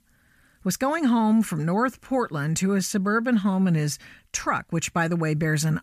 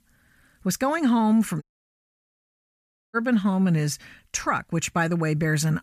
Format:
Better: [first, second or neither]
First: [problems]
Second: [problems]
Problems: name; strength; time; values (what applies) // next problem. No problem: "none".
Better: first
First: none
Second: audio cutting out; at 1.5 s for 1.5 s